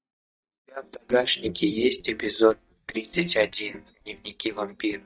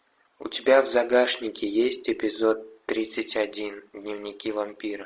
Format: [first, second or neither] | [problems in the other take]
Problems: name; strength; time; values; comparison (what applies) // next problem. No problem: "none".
second | noise reduction (neural mask model DeepFilterNet 3)